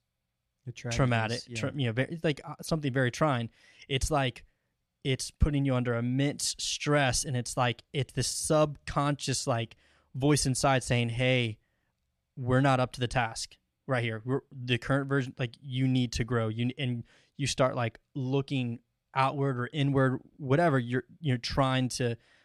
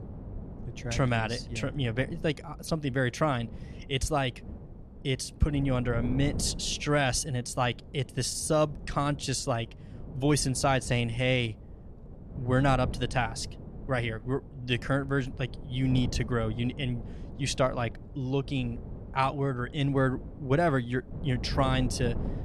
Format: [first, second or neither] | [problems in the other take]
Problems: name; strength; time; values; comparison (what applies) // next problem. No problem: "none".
first | wind noise on the microphone; occasional gusts; 20 dB below the speech